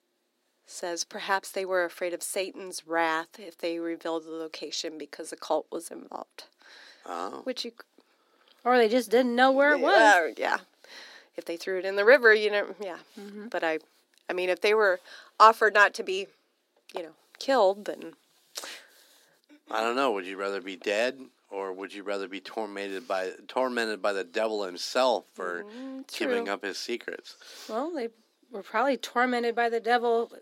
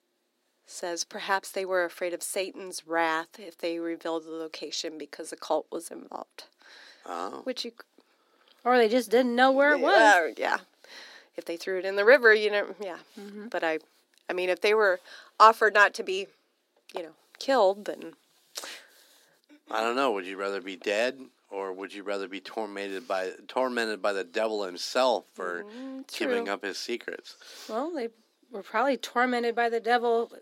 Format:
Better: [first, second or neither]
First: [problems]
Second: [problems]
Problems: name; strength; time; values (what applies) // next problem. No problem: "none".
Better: neither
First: thin; very slightly; fading below 250 Hz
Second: thin; very slightly; fading below 250 Hz